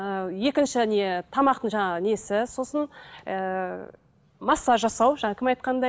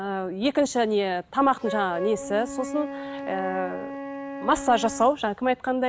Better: first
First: none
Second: background sound (Wind instrument, woodwind instrument); 11 dB below the speech

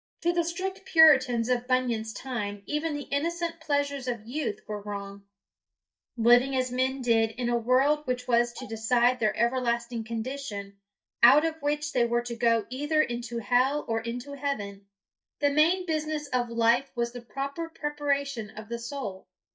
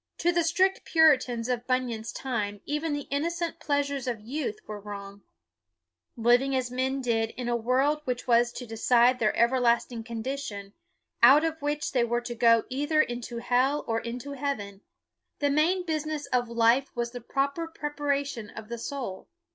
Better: second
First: noise reduction (neural mask model DeepFilterNet 3)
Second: none

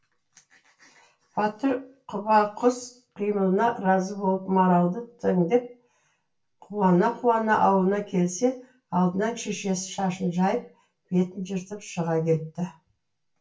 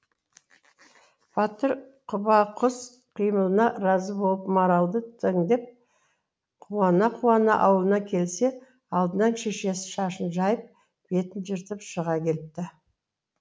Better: second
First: room echo; dies away in 0.2 s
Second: none

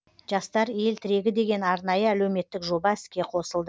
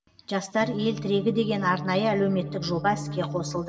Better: first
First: none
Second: background sound (Organ); 8 dB below the speech // room echo; dies away in 1.6 s

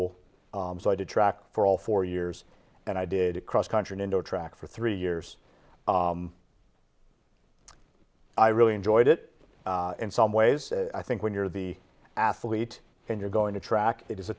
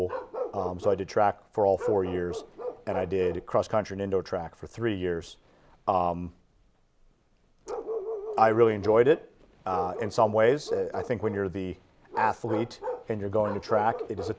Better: first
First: none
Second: background sound (Bark); 10 dB below the speech

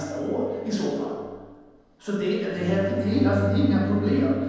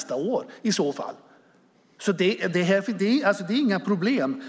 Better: second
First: background sound (Bowed string instrument); 6 dB below the speech // room echo; dies away in 1.2 s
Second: none

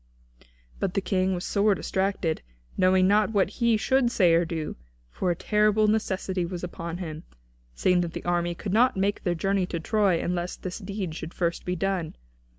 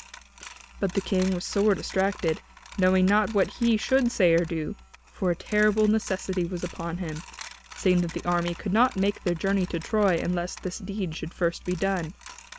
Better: first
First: none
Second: background sound (Coin (dropping)); 20 dB below the speech

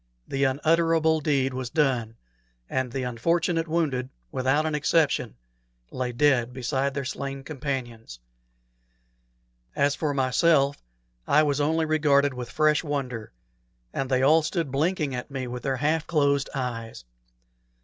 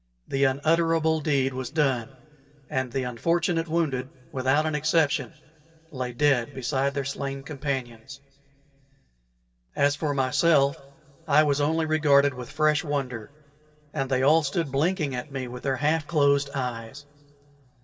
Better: first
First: none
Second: room echo; dies away in 1.9 s

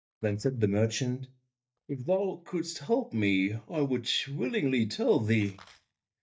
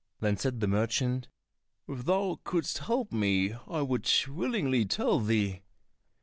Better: second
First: noise reduction (neural mask model DeepFilterNet 3)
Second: none

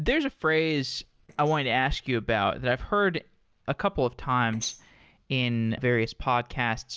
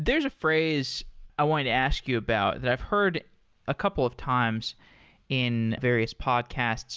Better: second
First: noise reduction (neural separator model SepFormer DNS4)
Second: none

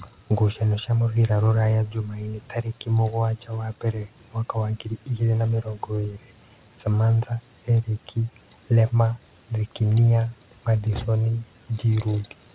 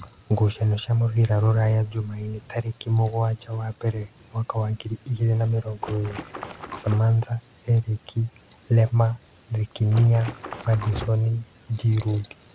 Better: first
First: none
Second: background sound (Water / Splash, splatter); 13 dB below the speech

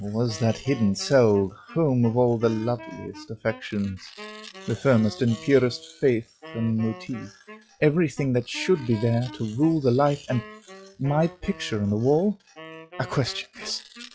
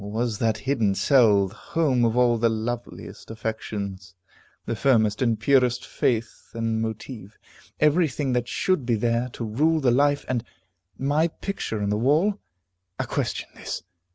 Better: second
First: noise reduction (classical method log-MMSE)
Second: none

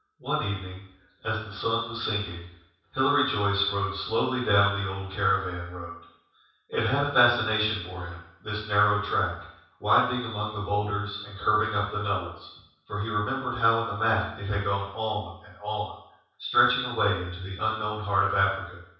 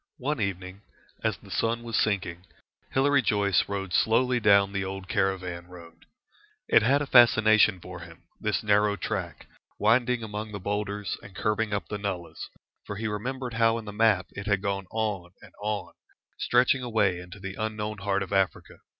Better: second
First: room echo; dies away in 0.7 s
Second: none

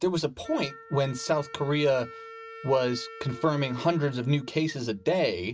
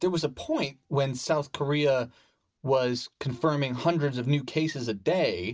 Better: second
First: background sound (Wind instrument, woodwind instrument); 18 dB below the speech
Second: none

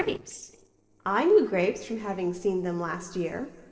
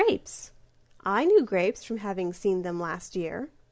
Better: second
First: noise reduction (neural separator model SepFormer DNS4)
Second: none

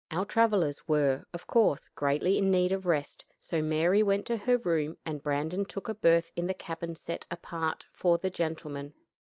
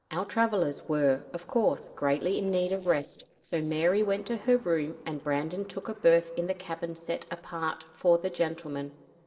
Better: first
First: none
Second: noise reduction (neural separator model SepFormer DNS4)

